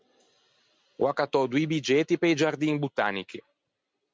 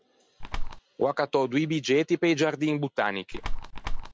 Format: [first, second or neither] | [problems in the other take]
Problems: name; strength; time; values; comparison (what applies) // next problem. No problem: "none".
first | background sound (Bird); as loud as the speech